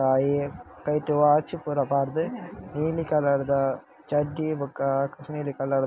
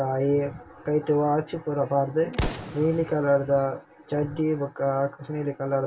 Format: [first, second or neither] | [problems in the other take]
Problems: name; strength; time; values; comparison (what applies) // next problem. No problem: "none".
first | background sound (Explosion); 15 dB below the speech // room echo; dies away in 0.1 s